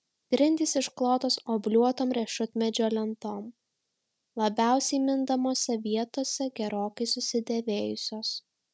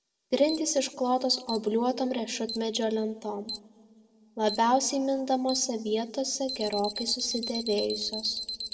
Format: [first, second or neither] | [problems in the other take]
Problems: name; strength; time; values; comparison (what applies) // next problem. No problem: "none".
first | background sound (Alarm); 12 dB below the speech // room echo; dies away in 1.2 s